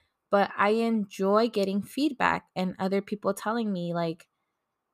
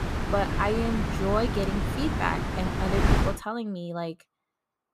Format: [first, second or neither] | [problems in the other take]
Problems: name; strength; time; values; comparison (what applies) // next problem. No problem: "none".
first | wind noise on the microphone; heavy; until 3 s; 2 dB below the speech